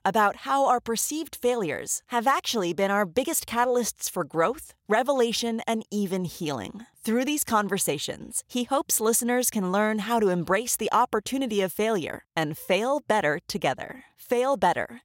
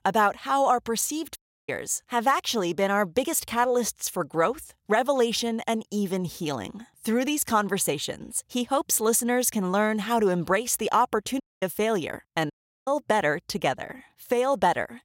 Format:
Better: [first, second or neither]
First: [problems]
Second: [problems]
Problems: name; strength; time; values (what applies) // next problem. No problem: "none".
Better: first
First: none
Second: audio cutting out; at 1.5 s, at 11 s and at 13 s